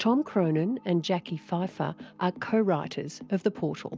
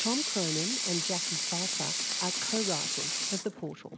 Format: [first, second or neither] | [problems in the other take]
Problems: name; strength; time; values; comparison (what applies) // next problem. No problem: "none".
first | background sound (Sink (filling or washing) / Water tap, faucet / Liquid); 3 dB above the speech